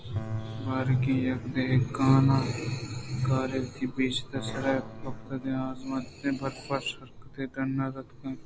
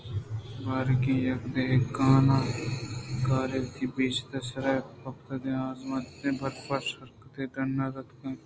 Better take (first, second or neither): second